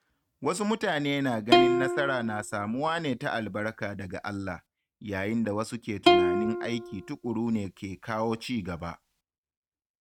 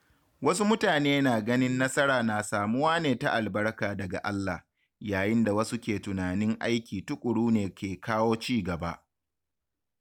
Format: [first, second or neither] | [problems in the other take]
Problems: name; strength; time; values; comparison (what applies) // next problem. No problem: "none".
second | noise reduction (neural mask model RNNoise)